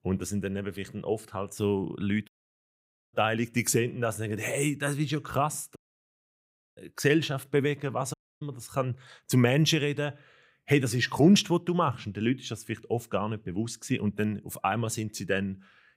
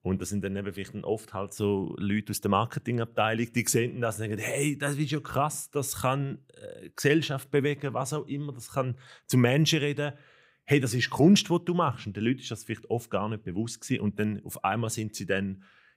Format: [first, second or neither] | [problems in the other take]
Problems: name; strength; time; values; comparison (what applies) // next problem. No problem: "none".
second | audio cutting out; at 2.5 s for 1 s, at 6 s for 1 s and at 8 s